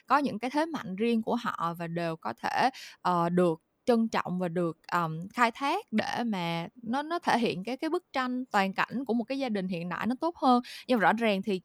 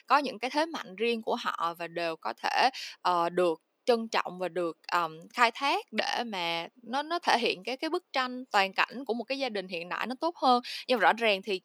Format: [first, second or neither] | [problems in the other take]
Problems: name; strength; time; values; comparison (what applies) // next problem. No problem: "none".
first | thin; somewhat; fading below 400 Hz